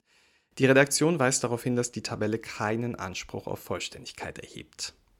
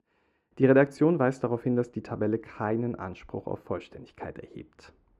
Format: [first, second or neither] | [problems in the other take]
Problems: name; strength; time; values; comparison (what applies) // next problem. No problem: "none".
first | muffled; very; fading above 3 kHz